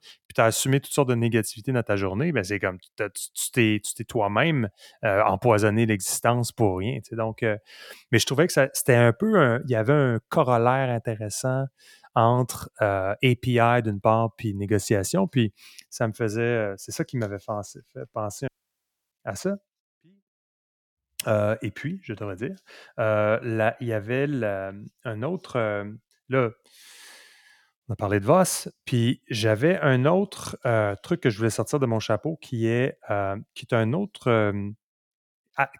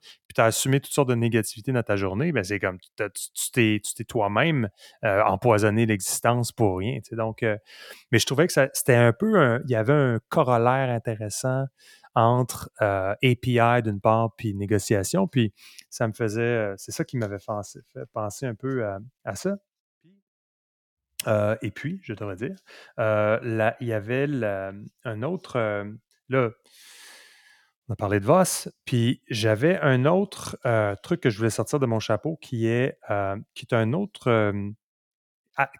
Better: second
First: audio cutting out; at 18 s for 0.5 s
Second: none

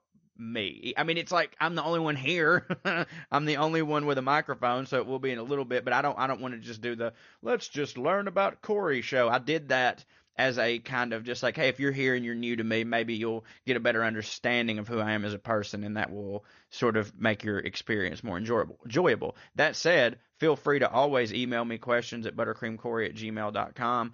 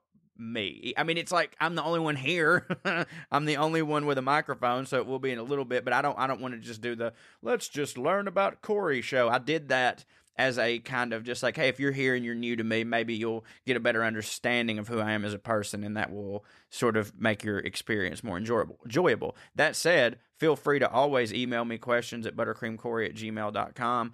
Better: second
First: garbled, watery; slightly; nothing above 6.5 kHz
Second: none

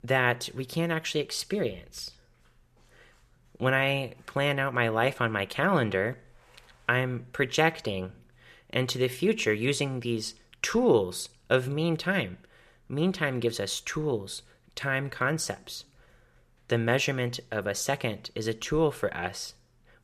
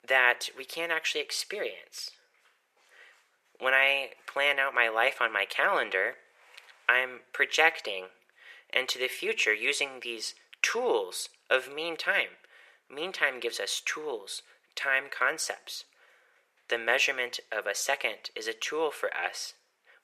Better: first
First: none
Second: thin; very; fading below 500 Hz

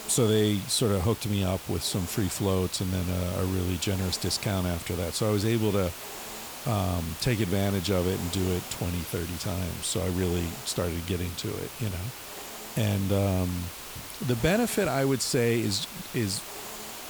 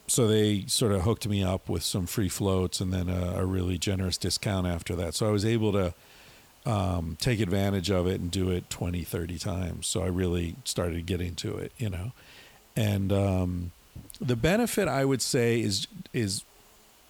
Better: second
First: hiss; loud; throughout; 10 dB below the speech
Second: hiss; faint; throughout; 30 dB below the speech

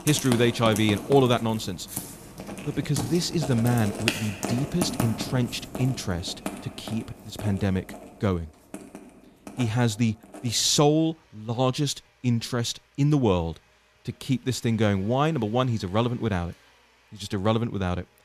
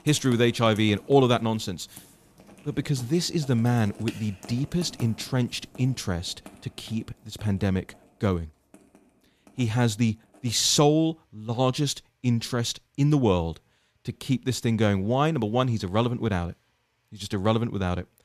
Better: second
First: household noises; loud; throughout; 9 dB below the speech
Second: household noises; faint; throughout; 20 dB below the speech

